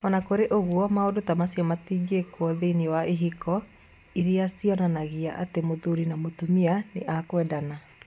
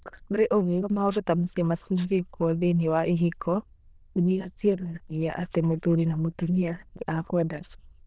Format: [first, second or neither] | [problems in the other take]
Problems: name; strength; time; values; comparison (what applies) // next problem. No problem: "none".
first | noise reduction (neural diffusion model UNIVERSE++)